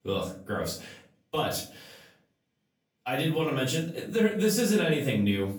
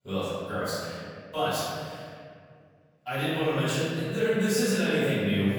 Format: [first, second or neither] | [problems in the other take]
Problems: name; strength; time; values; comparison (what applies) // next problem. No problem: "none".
first | room echo; strong; dies away in 2 s; slight in the first // off-mic speech; far; far in the first